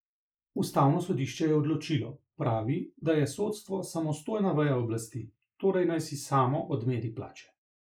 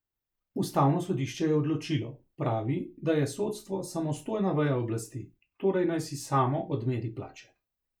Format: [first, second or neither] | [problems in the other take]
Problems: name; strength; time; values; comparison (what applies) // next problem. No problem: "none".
second | noise reduction (neural mask model Resemble Enhance denoiser)